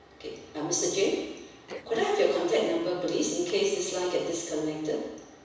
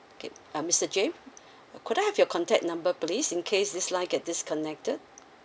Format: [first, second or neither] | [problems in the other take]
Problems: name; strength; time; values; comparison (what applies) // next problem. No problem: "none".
second | background sound (Cough); 19 dB below the speech // room echo; dies away in 1.1 s